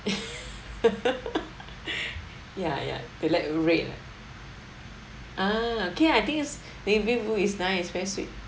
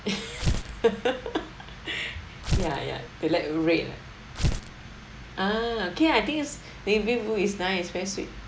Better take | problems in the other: first | background sound (Tearing); 4 dB below the speech

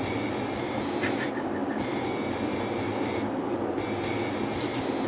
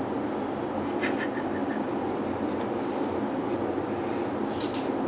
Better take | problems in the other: second | background sound (Guitar); 11 dB below the speech

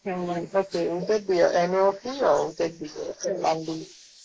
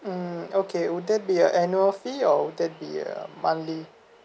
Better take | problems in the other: second | noise reduction (neural mask model Resemble Enhance denoiser)

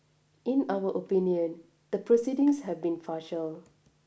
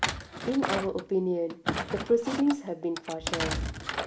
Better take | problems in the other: first | background sound (Thump, thud); 4 dB below the speech

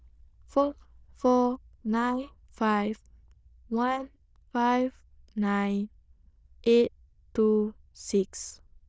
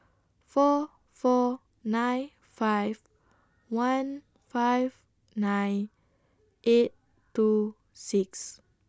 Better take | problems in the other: second | noise reduction (neural diffusion model UNIVERSE++)

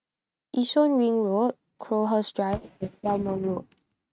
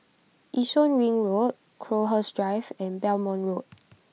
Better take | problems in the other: second | noise reduction (neural mask model RNNoise)

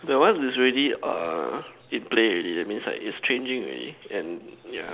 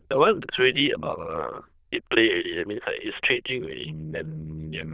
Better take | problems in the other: first | noise reduction (neural diffusion model UNIVERSE++)

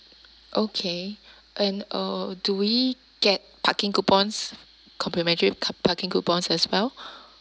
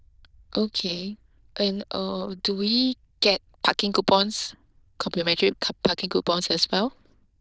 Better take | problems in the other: first | noise reduction (neural diffusion model UNIVERSE++)

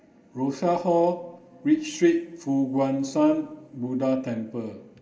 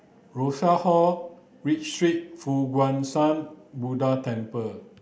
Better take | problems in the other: second | room echo; dies away in 2 s

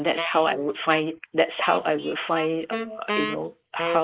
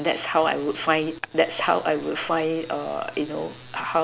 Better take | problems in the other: second | noise reduction (neural mask model Resemble Enhance denoiser)

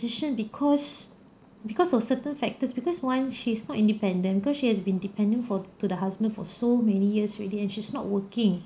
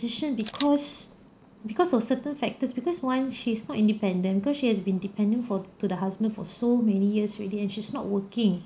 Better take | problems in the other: first | background sound (Camera); 18 dB below the speech

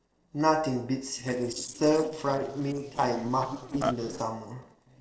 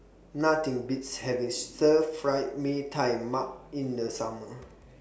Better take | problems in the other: second | noise reduction (neural separator model SepFormer DNS4)

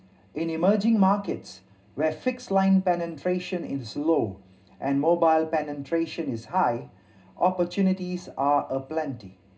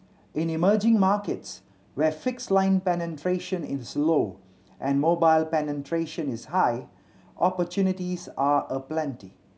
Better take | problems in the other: second | room echo; dies away in 0.2 s

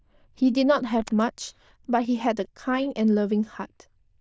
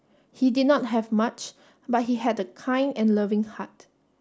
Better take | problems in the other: second | noise reduction (neural diffusion model UNIVERSE++)

